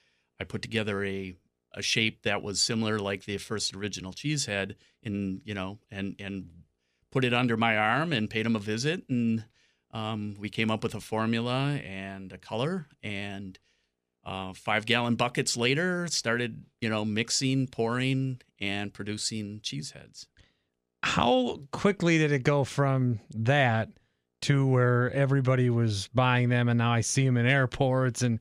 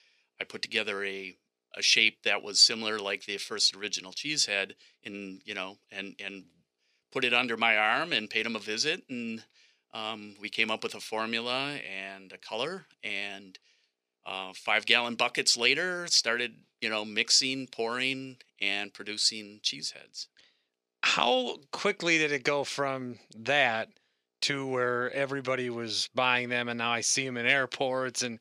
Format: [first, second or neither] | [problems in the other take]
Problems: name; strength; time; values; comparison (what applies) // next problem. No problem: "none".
first | thin; somewhat; fading below 350 Hz